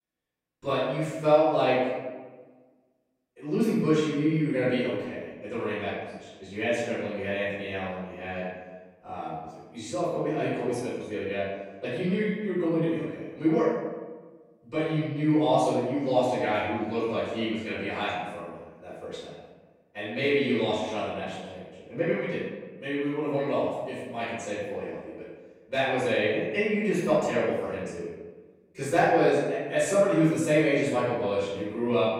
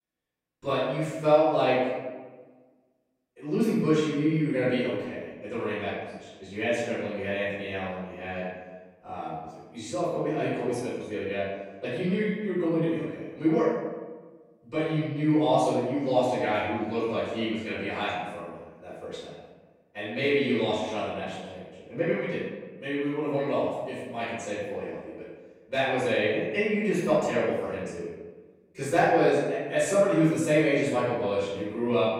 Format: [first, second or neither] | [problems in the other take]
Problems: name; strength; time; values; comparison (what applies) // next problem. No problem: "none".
neither | off-mic speech; far; the same in both // room echo; strong; dies away in 1.2 s; the same in both